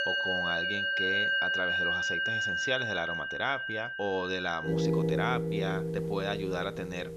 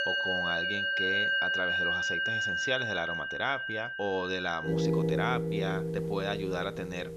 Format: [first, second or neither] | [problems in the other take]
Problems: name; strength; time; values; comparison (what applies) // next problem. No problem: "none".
neither | background music; very loud; throughout; 5 dB above the speech; the same in both